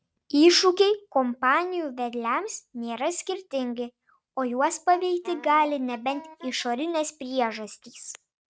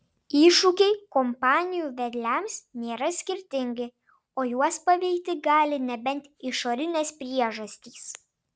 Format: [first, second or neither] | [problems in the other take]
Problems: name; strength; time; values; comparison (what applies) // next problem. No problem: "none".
second | noise reduction (neural mask model RNNoise)